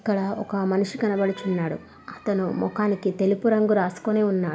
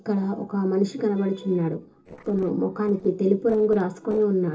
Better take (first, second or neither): first